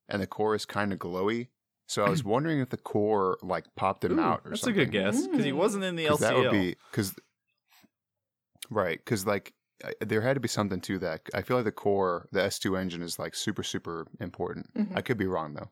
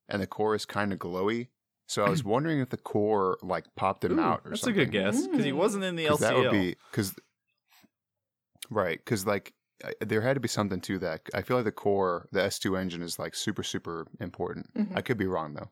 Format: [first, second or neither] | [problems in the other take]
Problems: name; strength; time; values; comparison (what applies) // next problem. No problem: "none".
neither | none